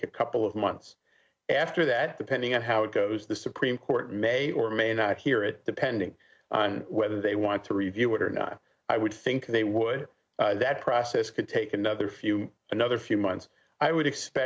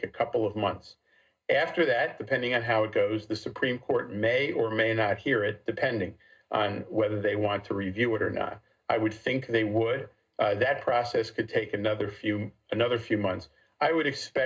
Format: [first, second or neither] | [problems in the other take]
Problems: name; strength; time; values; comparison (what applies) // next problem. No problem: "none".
first | room echo; dies away in 0.2 s